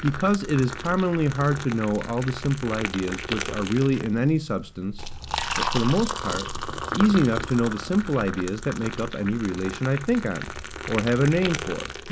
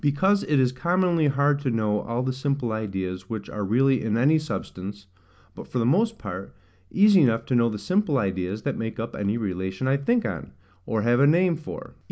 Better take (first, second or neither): second